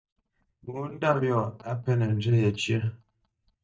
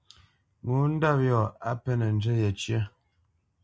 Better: second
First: noise reduction (neural mask model DeepFilterNet 3)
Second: none

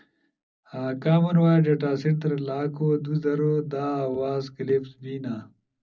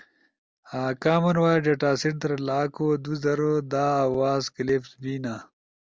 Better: second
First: room echo; dies away in 0.4 s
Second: none

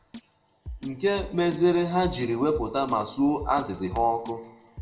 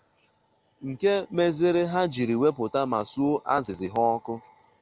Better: second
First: background sound (Drum kit); 16 dB below the speech // room echo; dies away in 0.5 s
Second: none

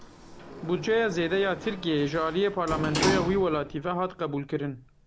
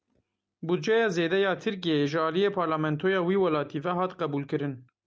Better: second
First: background sound (Sliding door); 8 dB below the speech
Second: none

